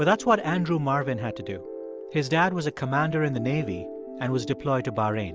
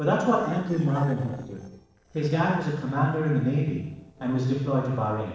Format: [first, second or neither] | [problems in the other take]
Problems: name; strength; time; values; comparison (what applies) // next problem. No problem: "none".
first | noise reduction (neural separator model SepFormer DNS4)